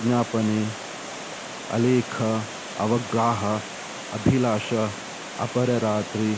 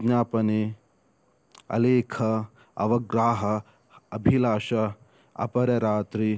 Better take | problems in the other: second | background sound (Water); 10 dB below the speech

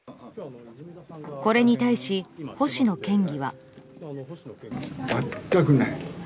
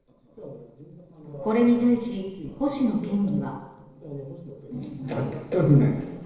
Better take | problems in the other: first | noise reduction (neural separator model SepFormer DNS4)

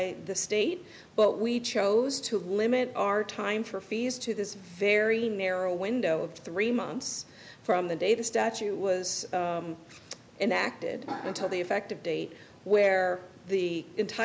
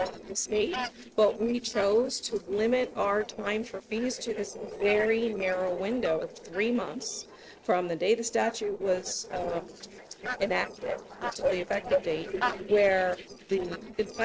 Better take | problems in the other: first | noise reduction (neural separator model SepFormer DNS4)

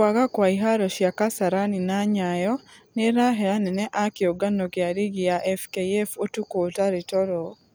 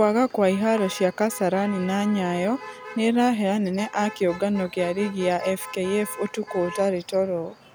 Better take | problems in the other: first | background sound (Motor vehicle (road)); 17 dB below the speech

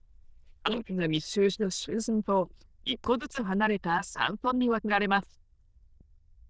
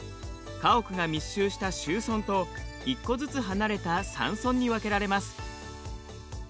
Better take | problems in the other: second | noise reduction (neural diffusion model UNIVERSE++)

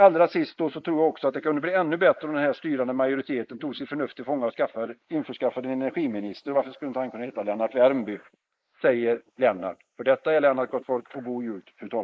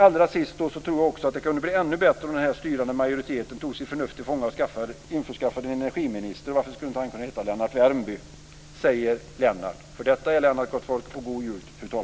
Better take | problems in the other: second | noise reduction (neural mask model Resemble Enhance denoiser)

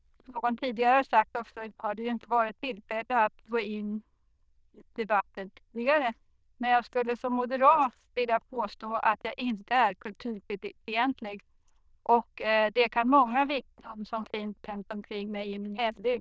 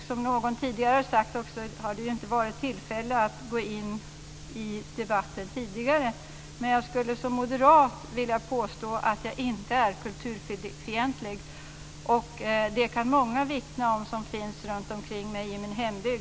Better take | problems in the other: second | noise reduction (neural diffusion model UNIVERSE++)

